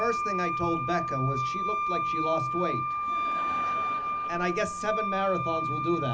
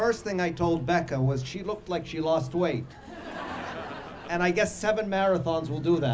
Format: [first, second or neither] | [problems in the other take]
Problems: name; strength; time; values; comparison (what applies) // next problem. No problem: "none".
second | background sound (Wind instrument, woodwind instrument); 2 dB above the speech